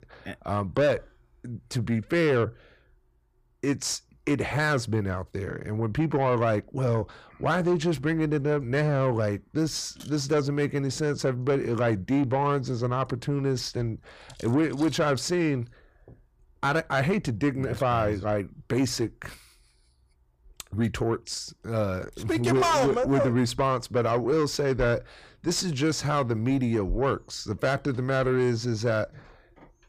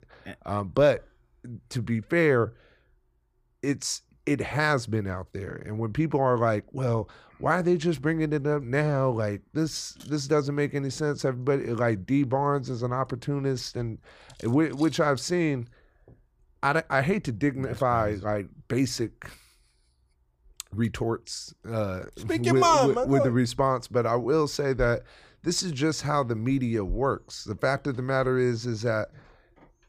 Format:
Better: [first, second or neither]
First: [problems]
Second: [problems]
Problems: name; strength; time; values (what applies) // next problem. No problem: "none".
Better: second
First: distortion; slight; 10 dB below the speech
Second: none